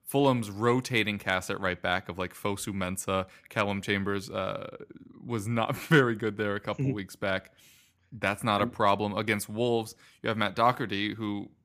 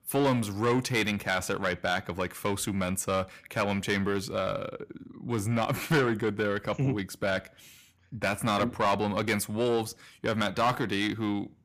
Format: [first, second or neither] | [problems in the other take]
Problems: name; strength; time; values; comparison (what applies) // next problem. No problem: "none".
first | distortion; heavy; 8 dB below the speech